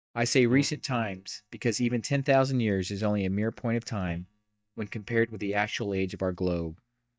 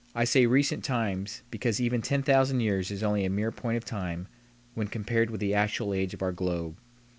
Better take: second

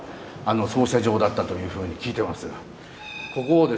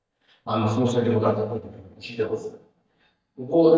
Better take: first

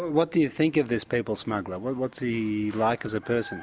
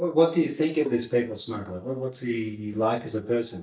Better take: first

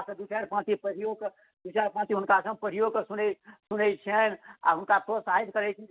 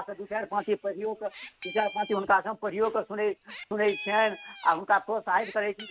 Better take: first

